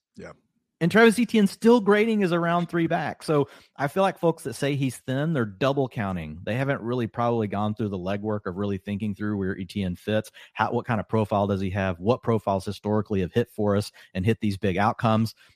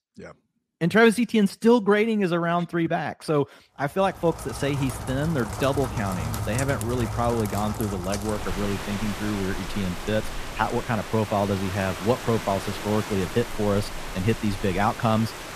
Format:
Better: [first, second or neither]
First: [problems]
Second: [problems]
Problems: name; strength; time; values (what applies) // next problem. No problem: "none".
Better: first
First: none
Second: rain or running water; loud; from 4.5 s on; 8 dB below the speech